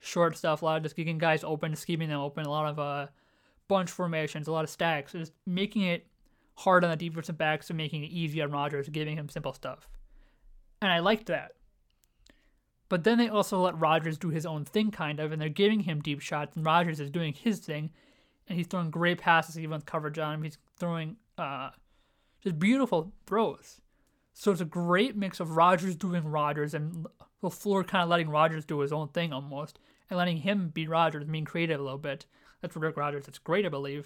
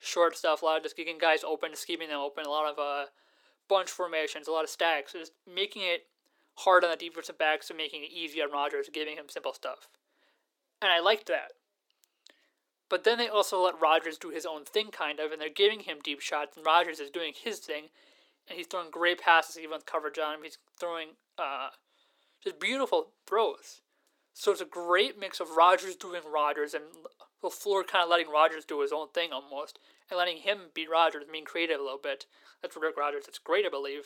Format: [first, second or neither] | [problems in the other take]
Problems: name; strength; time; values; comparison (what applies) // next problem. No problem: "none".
first | thin; very; fading below 350 Hz